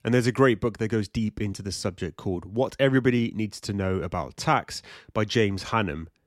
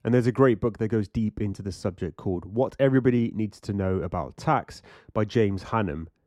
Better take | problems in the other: first | muffled; slightly; fading above 1.5 kHz

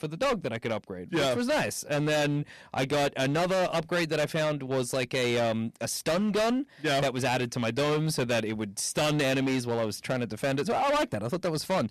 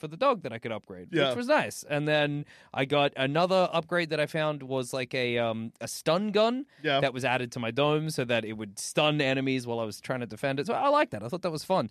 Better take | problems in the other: second | distortion; heavy; 20% of the sound clipped

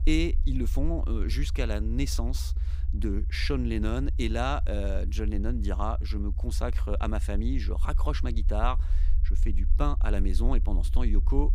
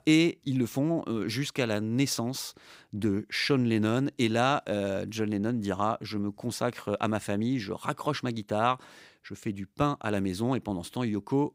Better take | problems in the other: second | low rumble; noticeable; throughout; 15 dB below the speech

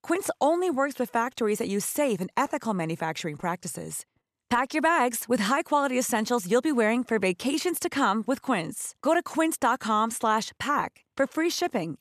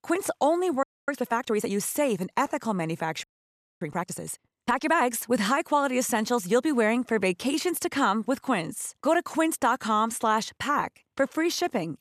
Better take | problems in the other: first | audio freezing; at 1 s and at 3 s for 0.5 s

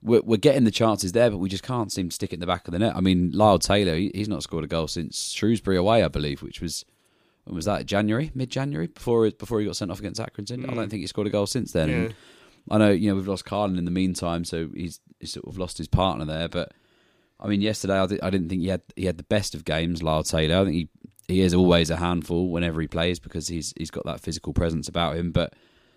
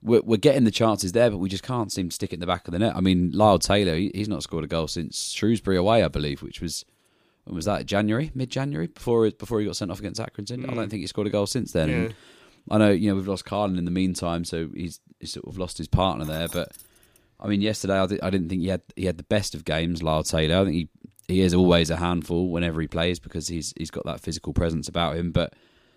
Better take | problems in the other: first | jangling keys; faint; at 16 s; peak 15 dB below the speech

